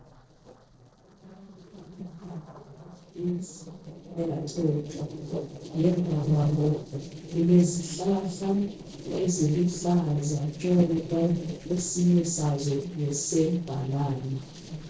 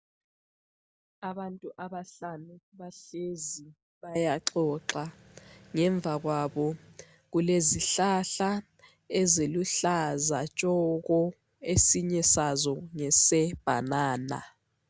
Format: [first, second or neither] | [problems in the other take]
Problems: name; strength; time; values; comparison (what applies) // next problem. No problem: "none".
second | noise reduction (neural separator model SepFormer DNS4)